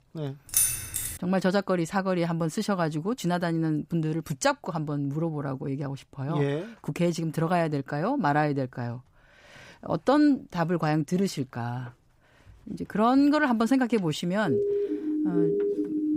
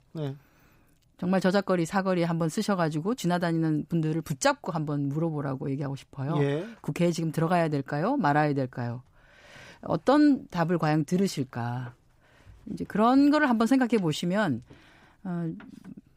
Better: second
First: jangling keys; loud; at 0.5 s; peak 4 dB above the speech // siren; loud; from 14 s on; peak 2 dB above the speech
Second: none

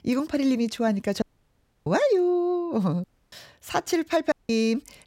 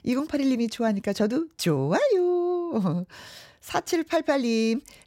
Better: second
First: audio cutting out; at 1 s for 0.5 s, at 3 s and at 4.5 s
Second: none

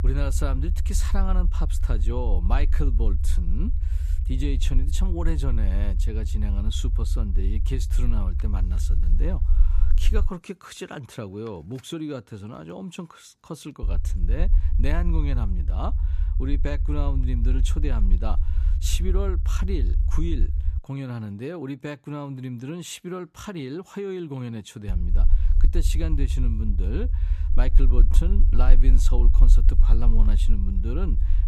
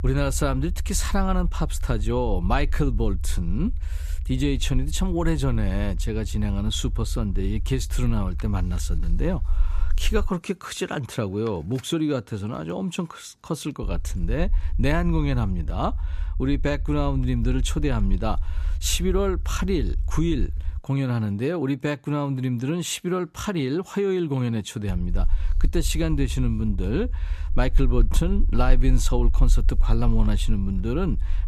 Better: second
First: low rumble; loud; until 10 s, from 14 to 21 s and from 25 s on; 10 dB below the speech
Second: low rumble; faint; until 10 s, from 14 to 21 s and from 25 s on; 20 dB below the speech

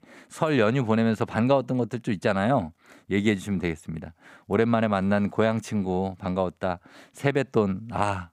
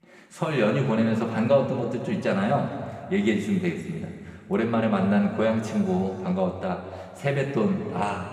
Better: first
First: none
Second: room echo; noticeable; dies away in 2 s // off-mic speech; somewhat distant

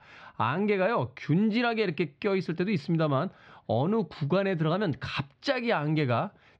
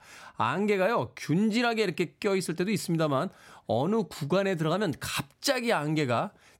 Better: second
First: muffled; very slightly; fading above 4 kHz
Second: none

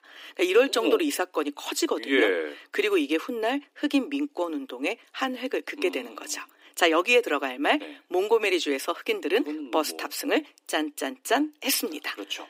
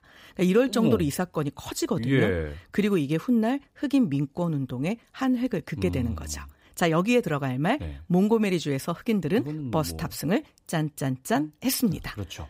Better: second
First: thin; somewhat; fading below 300 Hz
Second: none

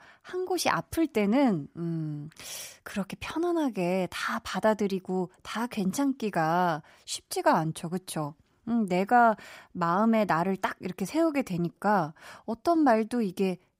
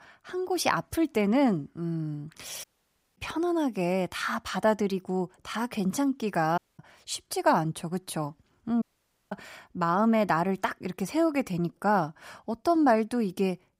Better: first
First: none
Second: audio cutting out; at 2.5 s for 0.5 s, at 6.5 s and at 9 s

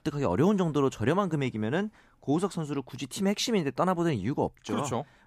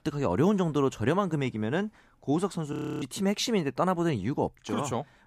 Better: first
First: none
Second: audio freezing; at 2.5 s

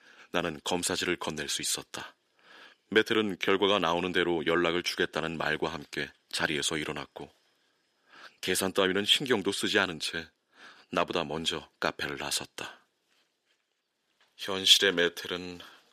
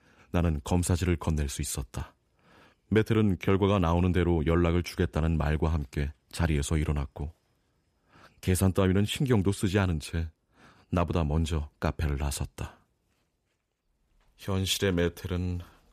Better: second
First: thin; somewhat; fading below 350 Hz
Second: none

